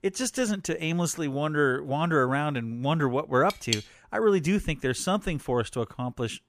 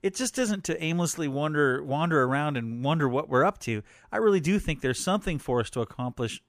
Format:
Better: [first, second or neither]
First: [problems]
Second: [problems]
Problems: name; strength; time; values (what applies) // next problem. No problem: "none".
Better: second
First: clattering dishes; noticeable; at 3.5 s; peak 3 dB below the speech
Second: none